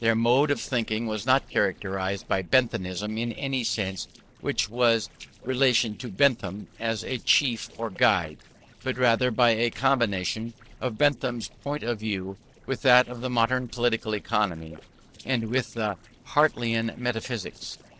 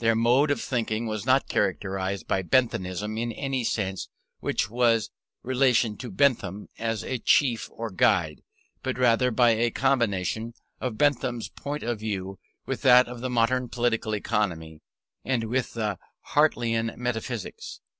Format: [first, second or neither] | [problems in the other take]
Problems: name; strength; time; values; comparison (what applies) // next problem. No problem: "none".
second | noise reduction (neural separator model SepFormer DNS4)